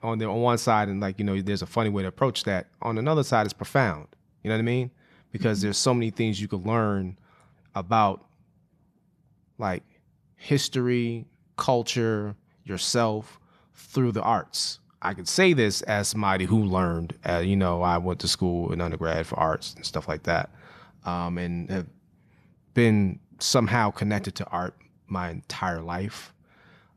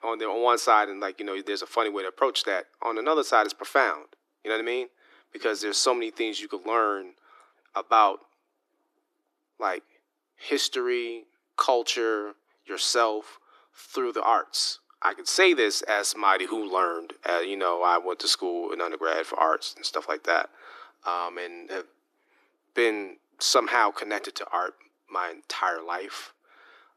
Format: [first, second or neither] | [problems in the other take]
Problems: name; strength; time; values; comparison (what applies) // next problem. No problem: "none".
first | thin; very; fading below 300 Hz